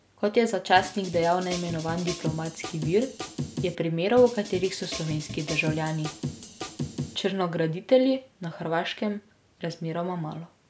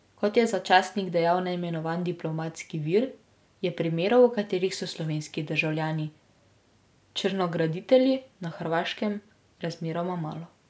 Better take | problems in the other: second | background sound (Drum kit); 9 dB below the speech

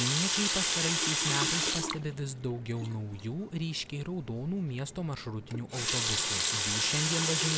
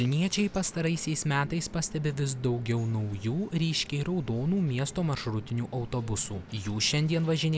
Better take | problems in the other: second | background sound (Water tap, faucet); 2 dB above the speech

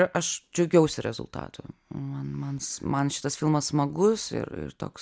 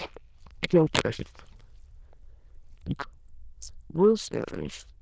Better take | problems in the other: first | noise reduction (neural diffusion model UNIVERSE++)

